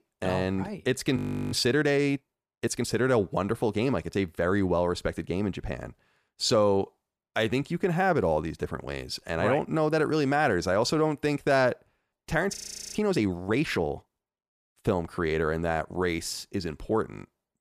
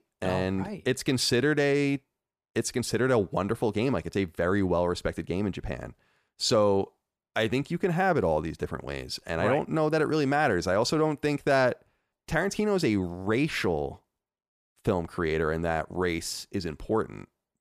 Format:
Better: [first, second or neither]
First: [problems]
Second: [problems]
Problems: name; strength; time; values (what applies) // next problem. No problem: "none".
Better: second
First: audio freezing; at 1 s and at 13 s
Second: none